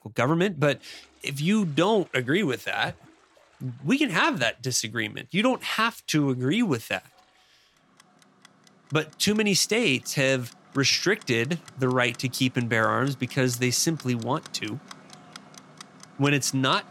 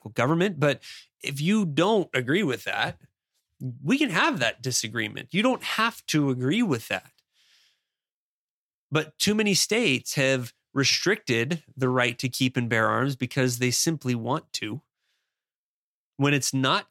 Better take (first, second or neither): second